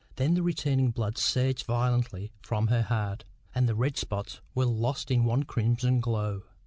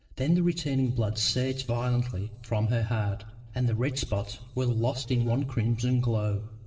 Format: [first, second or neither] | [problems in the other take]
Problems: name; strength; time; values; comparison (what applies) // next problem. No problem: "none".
first | noise reduction (neural separator model SepFormer DNS4)